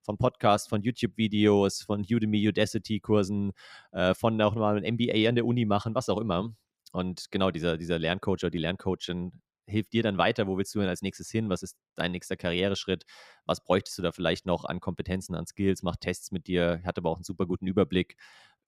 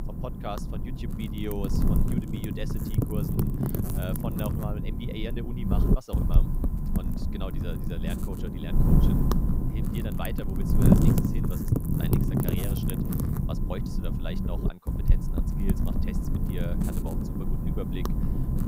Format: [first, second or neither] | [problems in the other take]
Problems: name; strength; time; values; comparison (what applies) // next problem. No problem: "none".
first | wind noise on the microphone; heavy; 4 dB above the speech